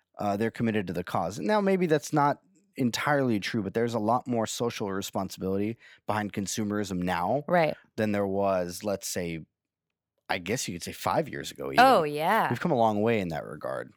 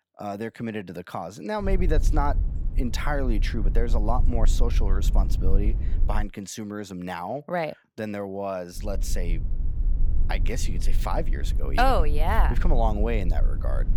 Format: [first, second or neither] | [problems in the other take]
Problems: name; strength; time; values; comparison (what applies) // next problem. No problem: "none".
first | low rumble; noticeable; from 1.5 to 6 s and from 9 s on; 15 dB below the speech